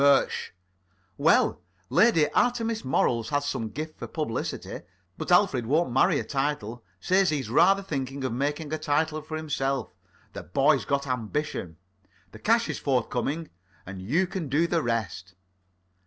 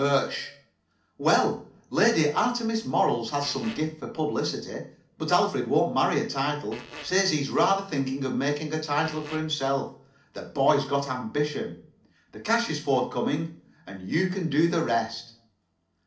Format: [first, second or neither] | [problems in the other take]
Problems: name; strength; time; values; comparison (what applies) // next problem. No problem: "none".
first | background sound (Fart); 16 dB below the speech // room echo; dies away in 0.4 s